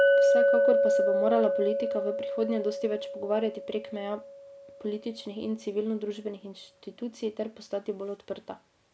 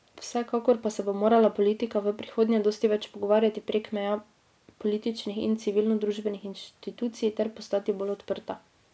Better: second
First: background sound (Chink, clink); 3 dB above the speech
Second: none

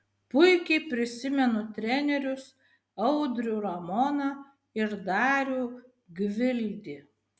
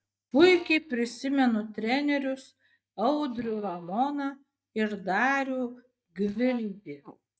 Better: first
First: none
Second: noise reduction (neural mask model DeepFilterNet 3)

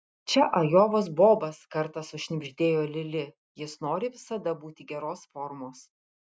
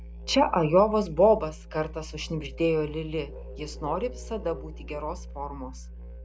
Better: first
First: none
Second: background sound (Musical instrument); 13 dB below the speech

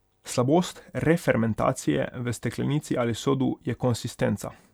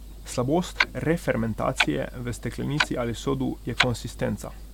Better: first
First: none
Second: background sound (Clock); 4 dB below the speech

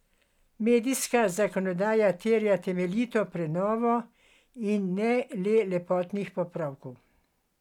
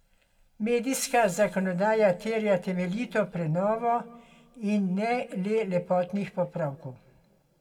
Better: first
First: none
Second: room echo; dies away in 1.2 s

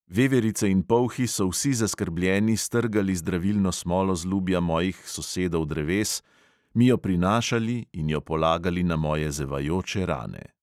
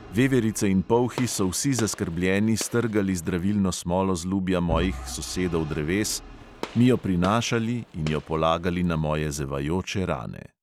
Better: first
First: none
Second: background sound (Gunshot, gunfire + Engine / Vehicle); 16 dB below the speech

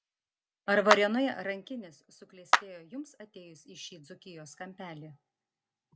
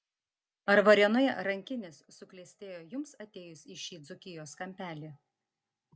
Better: second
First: background sound (Clapping); 1 dB above the speech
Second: none

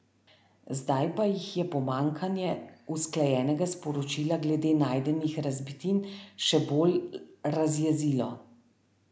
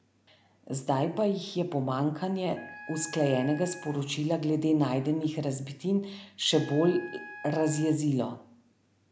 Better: first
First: none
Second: background sound (Wind instrument, woodwind instrument); 17 dB below the speech

